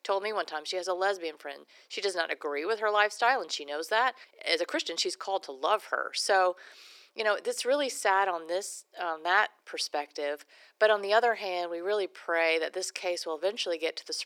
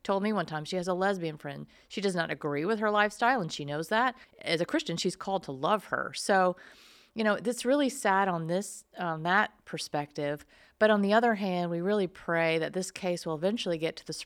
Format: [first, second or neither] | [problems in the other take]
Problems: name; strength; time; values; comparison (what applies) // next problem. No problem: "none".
second | thin; very; fading below 350 Hz